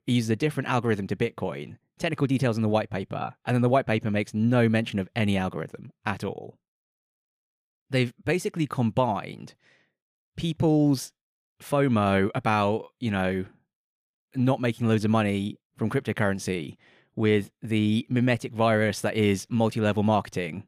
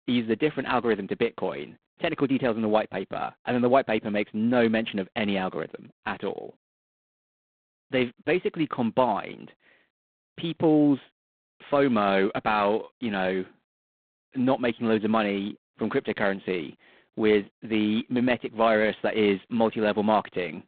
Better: first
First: none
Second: phone-call audio; poor line; nothing above 4 kHz

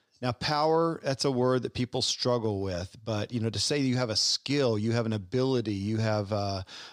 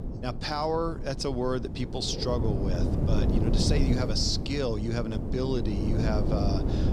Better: first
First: none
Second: wind noise on the microphone; heavy; 6 dB below the speech

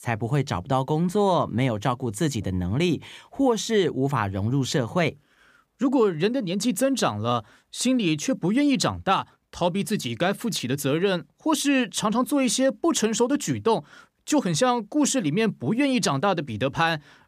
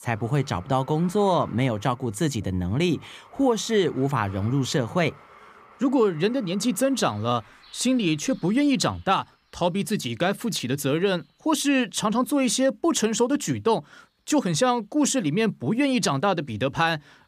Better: first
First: none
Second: animal sounds; faint; throughout; 25 dB below the speech

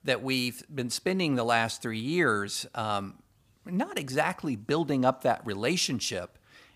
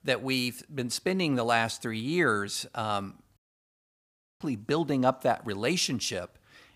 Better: first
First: none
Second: audio cutting out; at 3.5 s for 1 s

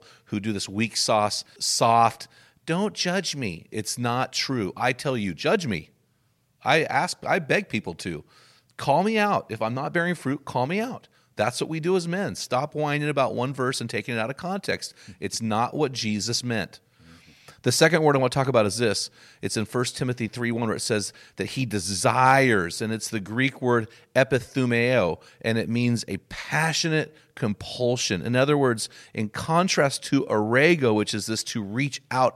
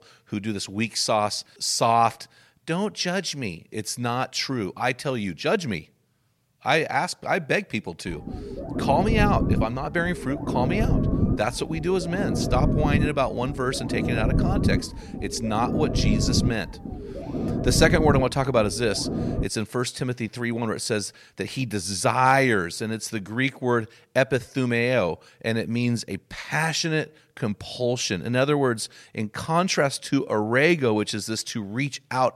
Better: first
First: none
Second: low rumble; loud; from 8 to 19 s; 8 dB below the speech

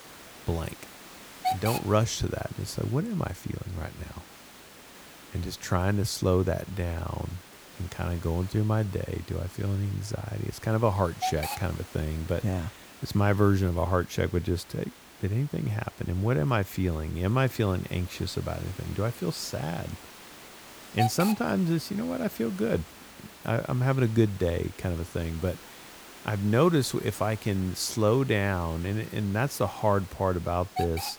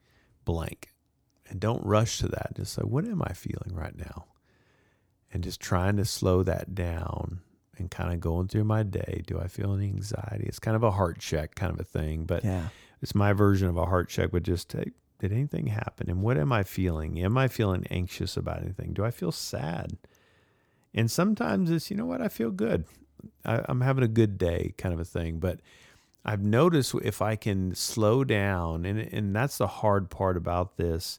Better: second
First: hiss; noticeable; throughout; 15 dB below the speech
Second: none

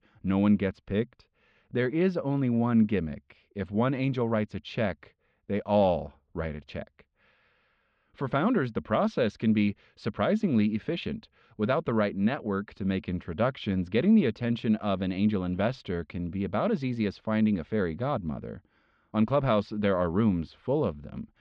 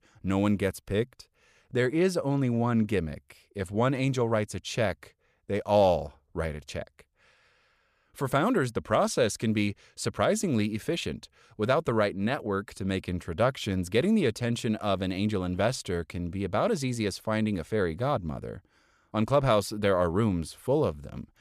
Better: second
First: muffled; slightly; fading above 3.5 kHz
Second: none

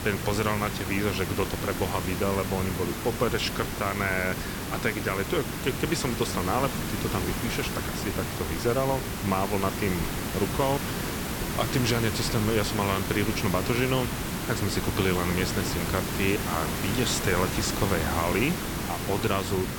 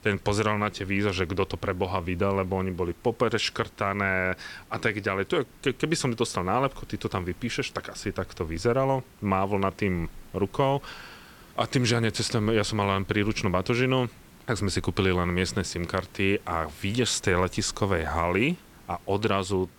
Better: second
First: hiss; loud; throughout; 2 dB below the speech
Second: hiss; faint; throughout; 25 dB below the speech

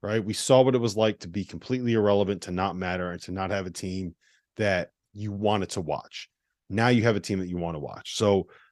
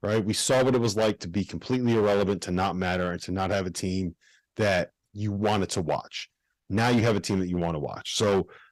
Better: first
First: none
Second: distortion; heavy; 8% of the sound clipped

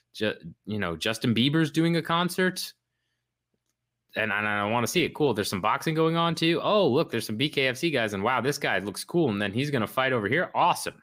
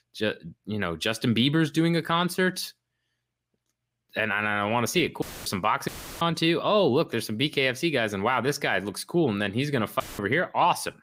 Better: first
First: none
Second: audio cutting out; filled with static; at 5 s, at 6 s and at 10 s

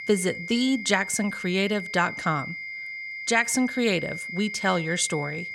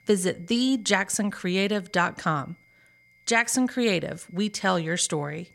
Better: second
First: high-pitched whine; loud; throughout; 2 kHz, 8 dB below the speech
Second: high-pitched whine; faint; throughout; 2 kHz, 30 dB below the speech

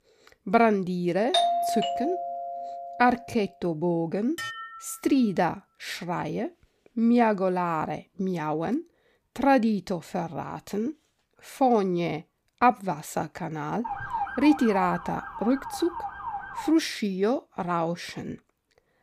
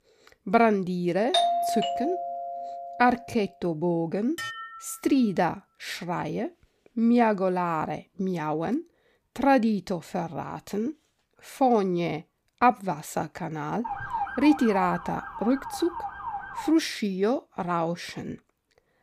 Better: neither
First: doorbell; loud; from 1.5 to 3 s; peak 3 dB above the speech // clattering dishes; noticeable; at 4.5 s; peak 8 dB below the speech // siren; noticeable; from 14 to 17 s; peak 4 dB below the speech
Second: doorbell; loud; from 1.5 to 3 s; peak 3 dB above the speech // clattering dishes; noticeable; at 4.5 s; peak 8 dB below the speech // siren; noticeable; from 14 to 17 s; peak 4 dB below the speech

